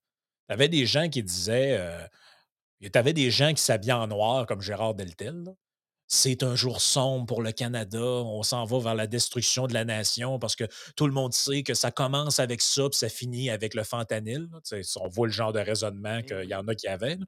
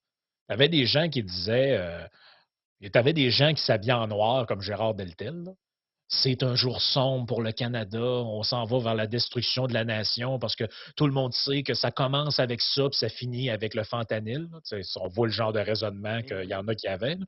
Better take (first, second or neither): first